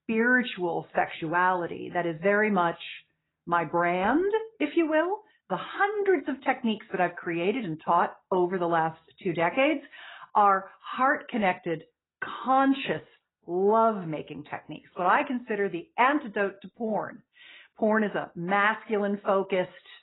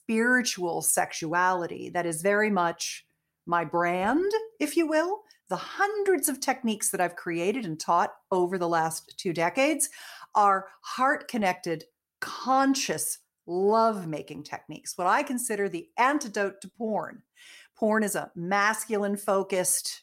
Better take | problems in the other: second | garbled, watery; badly; nothing above 4 kHz

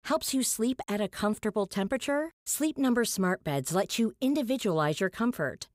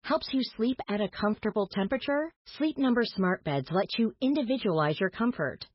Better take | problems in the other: first | garbled, watery; badly; nothing above 5.5 kHz

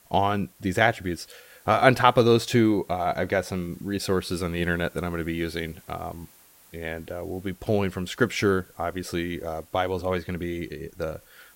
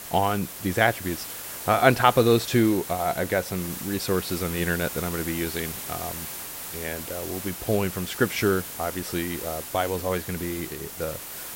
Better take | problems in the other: first | hiss; loud; throughout; 8 dB below the speech; faint in the first

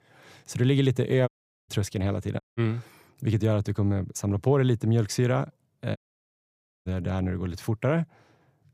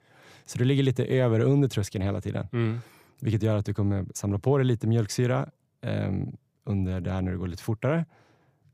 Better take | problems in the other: second | audio cutting out; at 1.5 s, at 2.5 s and at 6 s for 1 s

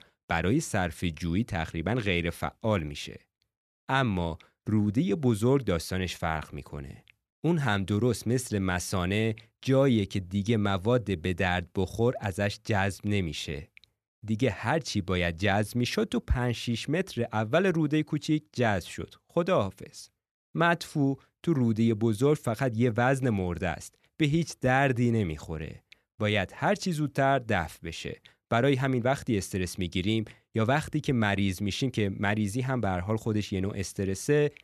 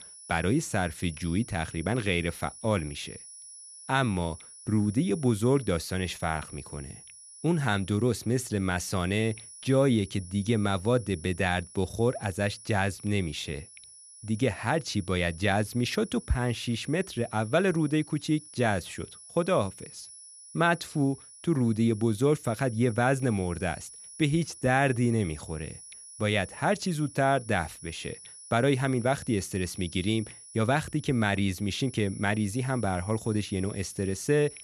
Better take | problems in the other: first | high-pitched whine; noticeable; throughout; 10 kHz, 15 dB below the speech

